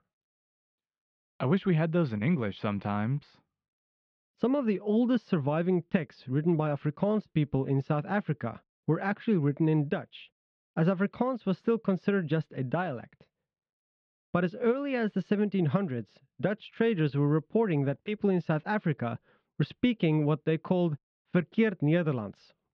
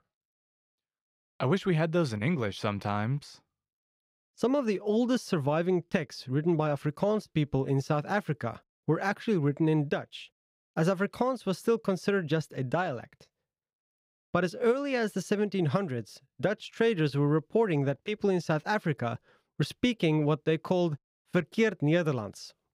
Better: second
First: muffled; slightly; fading above 3.5 kHz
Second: none

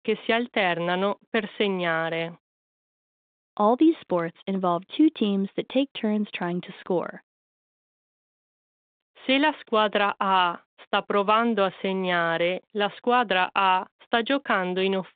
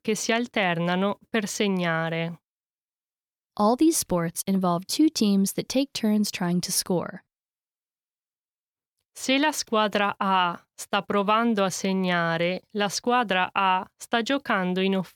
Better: second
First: phone-call audio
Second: none

